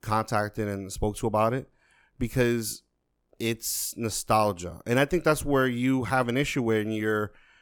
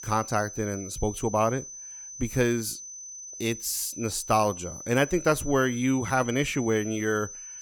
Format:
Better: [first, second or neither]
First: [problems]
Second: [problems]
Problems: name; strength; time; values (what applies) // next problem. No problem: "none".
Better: first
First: none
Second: high-pitched whine; noticeable; throughout; 6 kHz, 10 dB below the speech